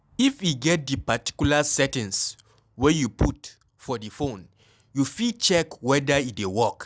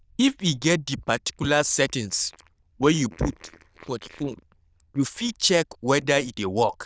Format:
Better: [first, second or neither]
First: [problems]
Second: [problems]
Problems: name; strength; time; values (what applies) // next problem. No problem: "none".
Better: first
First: none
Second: noise reduction (neural diffusion model UNIVERSE++)